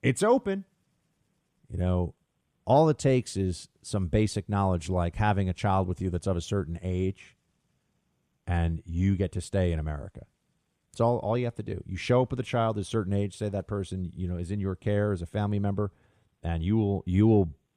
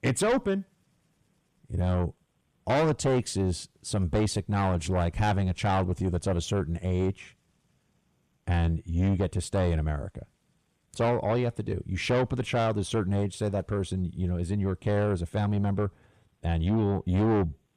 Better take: first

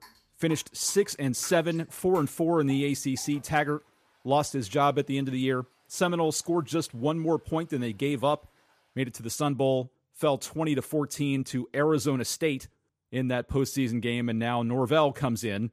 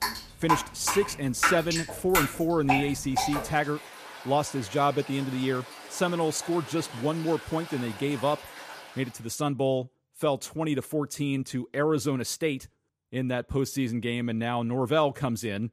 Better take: first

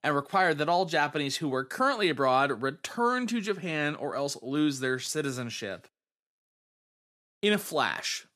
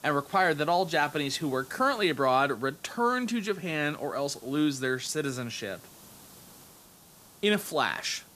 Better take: first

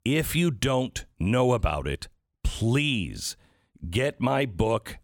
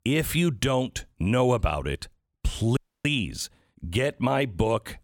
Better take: first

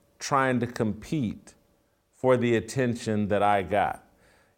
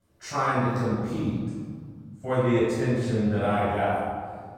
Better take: first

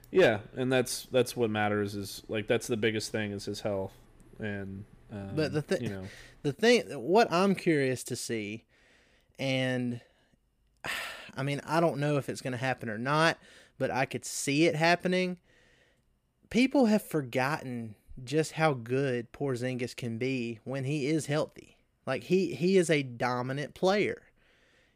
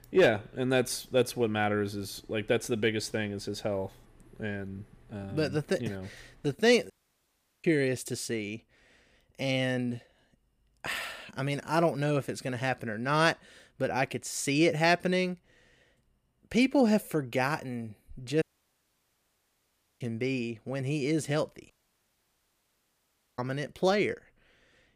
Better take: first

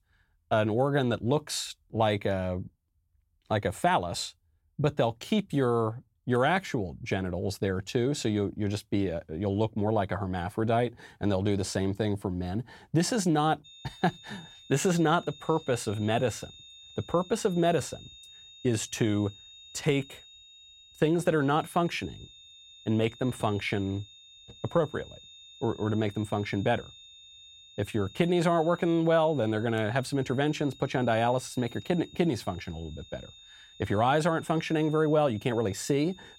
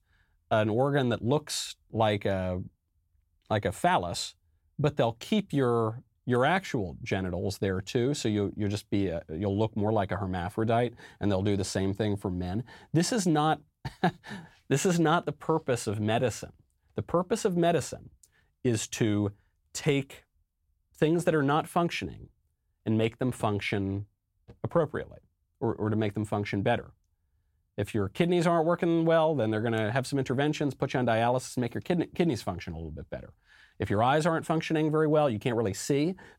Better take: second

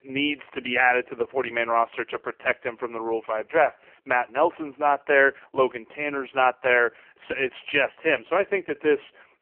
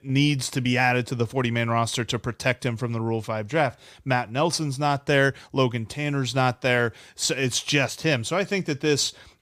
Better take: second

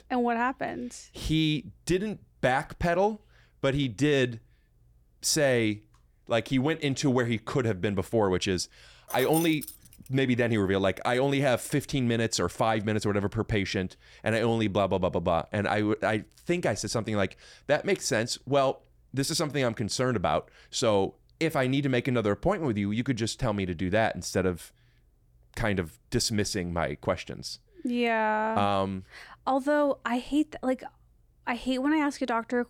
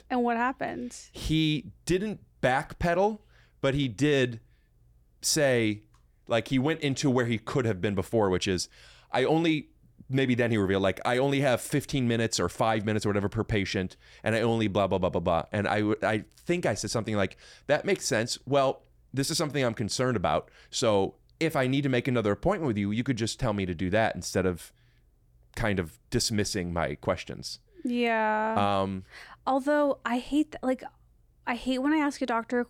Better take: second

